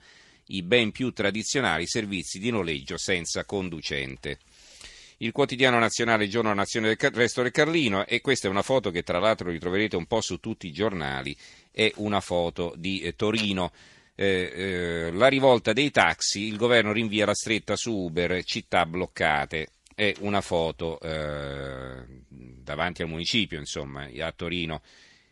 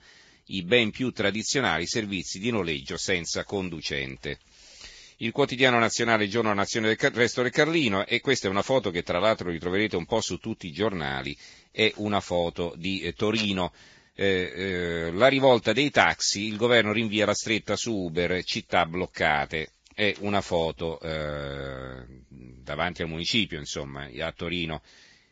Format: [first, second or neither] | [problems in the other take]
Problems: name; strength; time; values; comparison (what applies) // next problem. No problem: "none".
first | garbled, watery; badly; nothing above 7.5 kHz; slightly in the first